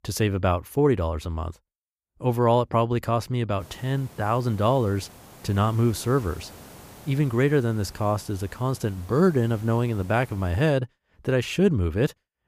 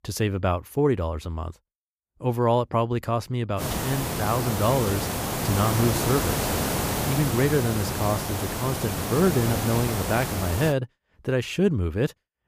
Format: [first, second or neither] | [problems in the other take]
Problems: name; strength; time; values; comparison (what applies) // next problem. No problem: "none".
first | hiss; loud; from 3.5 to 11 s; 2 dB below the speech; faint in the first